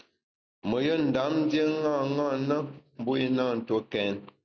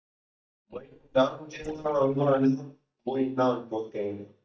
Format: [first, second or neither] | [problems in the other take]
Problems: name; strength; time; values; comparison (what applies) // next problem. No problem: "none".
first | noise reduction (neural mask model DeepFilterNet 3)